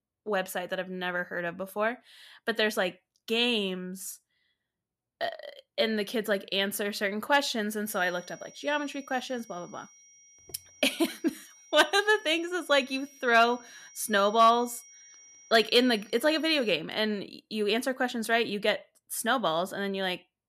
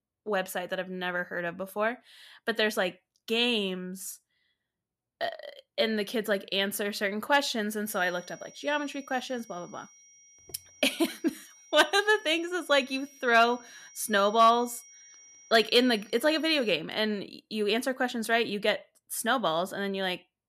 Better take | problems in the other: neither | high-pitched whine; faint; from 8 to 17 s; 5.5 kHz, 25 dB below the speech; the same in both

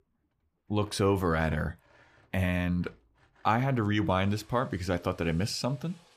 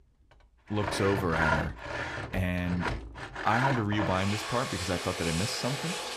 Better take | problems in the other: first | machinery noise; loud; throughout; 2 dB below the speech; faint in the first

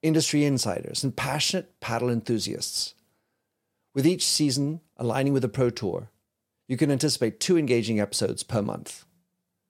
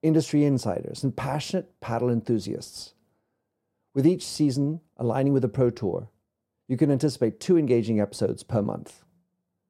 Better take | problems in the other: first | muffled; slightly; fading above 1.5 kHz

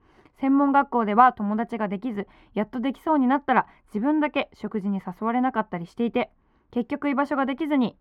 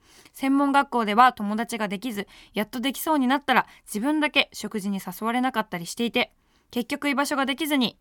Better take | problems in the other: second | muffled; very; fading above 3 kHz

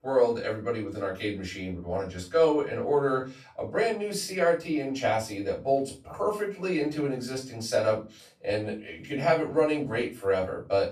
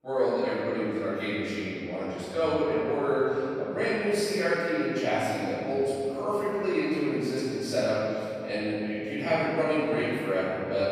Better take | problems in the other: first | room echo; strong; dies away in 2.7 s; slight in the first // off-mic speech; far; far in the first

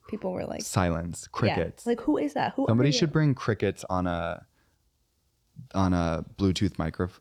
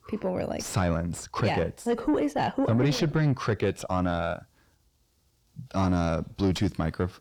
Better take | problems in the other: first | distortion; slight; 10 dB below the speech

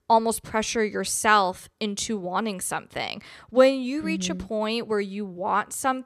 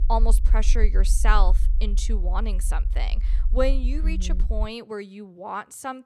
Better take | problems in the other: first | low rumble; noticeable; until 4.5 s; 20 dB below the speech

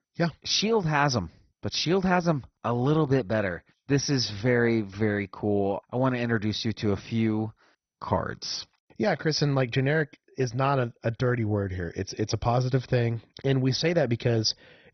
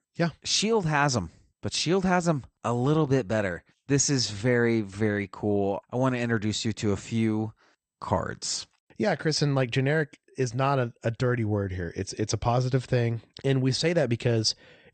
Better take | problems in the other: second | garbled, watery; badly; nothing above 6 kHz; slightly in the second

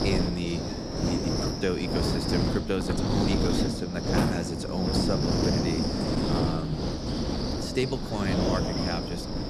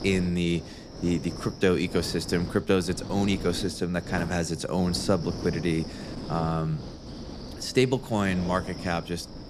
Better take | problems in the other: second | wind noise on the microphone; heavy; 3 dB above the speech; occasional gusts in the second

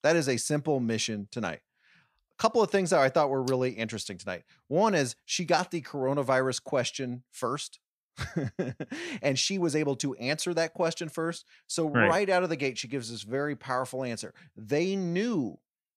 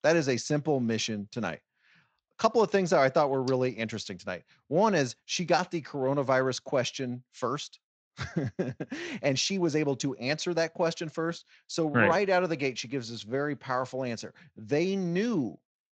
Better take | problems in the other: first | garbled, watery; slightly

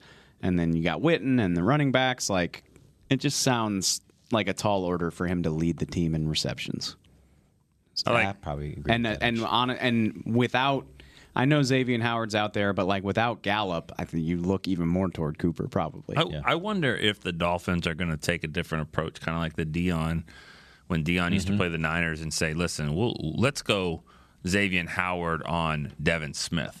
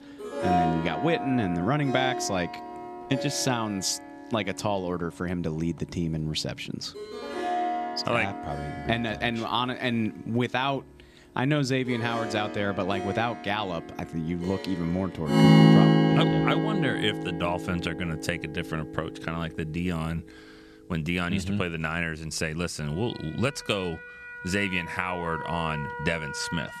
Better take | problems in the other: first | background music; very loud; throughout; 1 dB above the speech

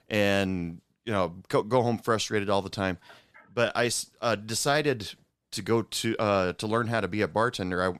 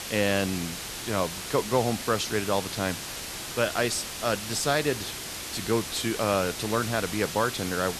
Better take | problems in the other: first | hiss; loud; throughout; 6 dB below the speech

